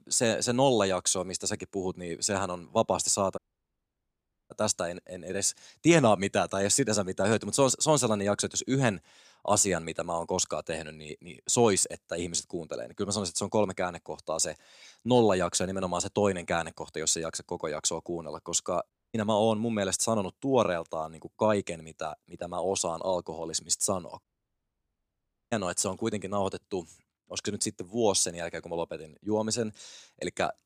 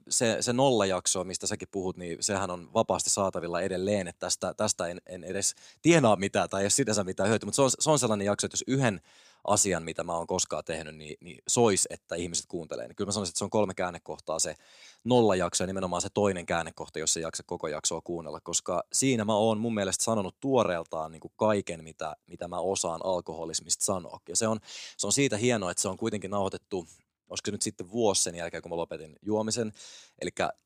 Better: second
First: audio cutting out; at 3.5 s for 1 s, at 19 s and at 24 s for 1.5 s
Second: none

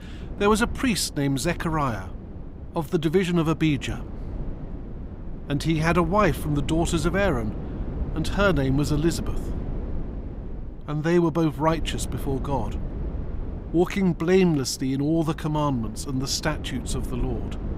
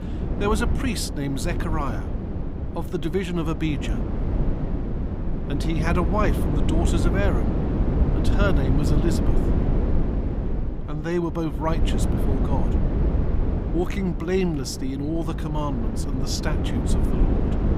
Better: first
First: wind noise on the microphone; occasional gusts; 15 dB below the speech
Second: wind noise on the microphone; heavy; 4 dB below the speech

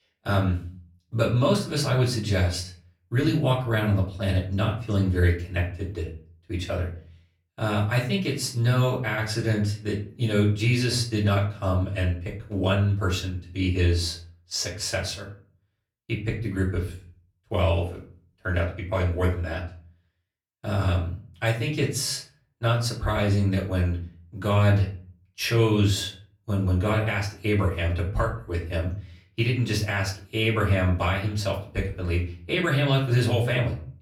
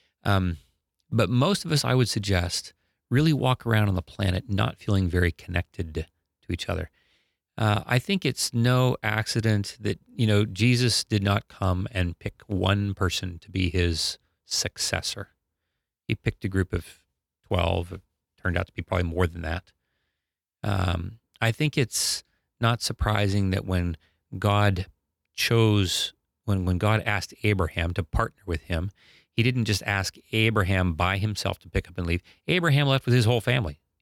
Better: second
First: room echo; slight; dies away in 0.4 s // off-mic speech; far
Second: none

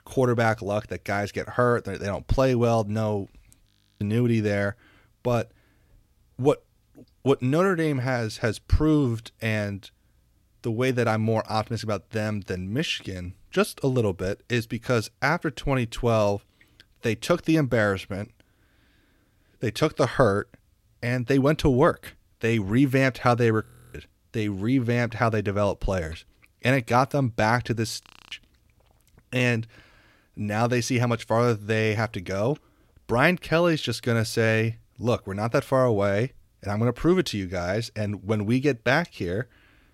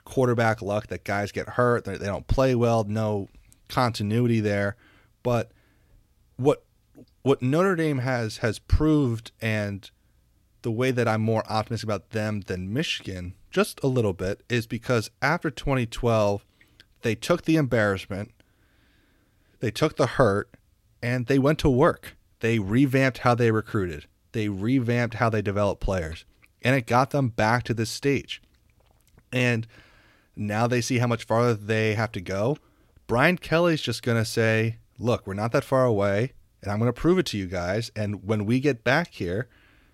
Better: second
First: audio freezing; at 3.5 s, at 24 s and at 28 s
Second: none

